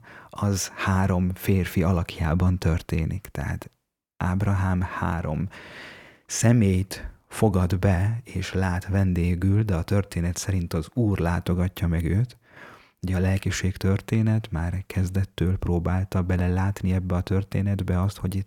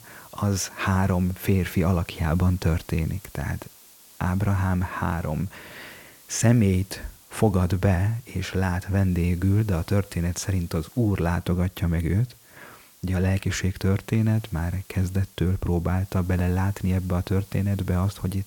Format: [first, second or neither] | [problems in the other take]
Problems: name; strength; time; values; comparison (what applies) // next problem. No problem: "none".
first | hiss; faint; throughout; 25 dB below the speech